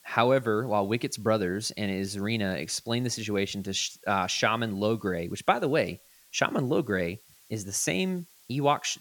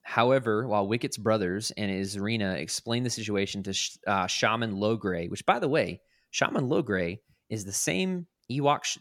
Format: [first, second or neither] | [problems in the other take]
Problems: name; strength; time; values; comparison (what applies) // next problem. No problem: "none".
second | hiss; faint; throughout; 25 dB below the speech